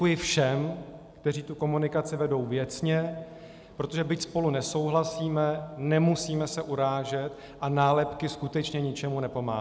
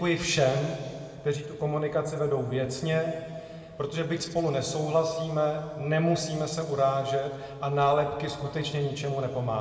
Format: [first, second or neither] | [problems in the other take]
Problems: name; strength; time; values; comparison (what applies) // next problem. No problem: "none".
first | room echo; dies away in 2 s